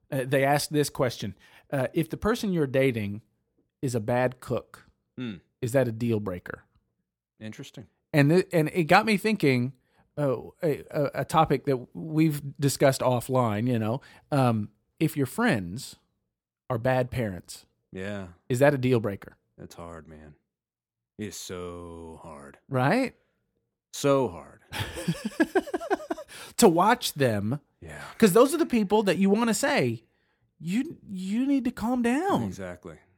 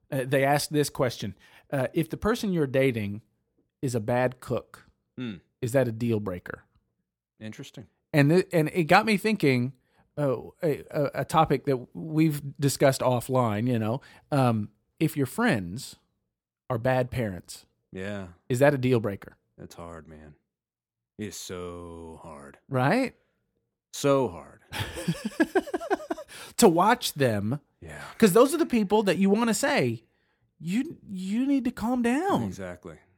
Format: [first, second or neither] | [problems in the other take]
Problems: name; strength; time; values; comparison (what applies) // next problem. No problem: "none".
neither | none